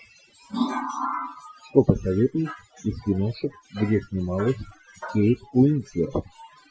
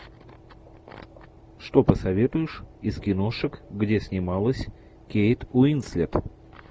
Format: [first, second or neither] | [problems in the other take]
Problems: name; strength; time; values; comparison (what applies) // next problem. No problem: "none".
second | noise reduction (classical method Wiener filter)